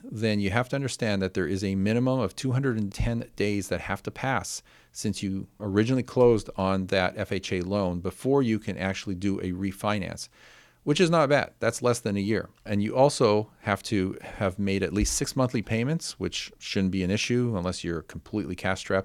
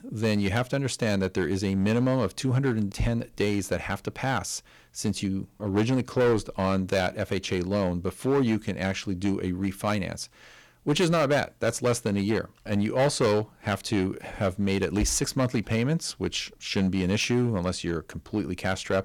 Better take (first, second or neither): first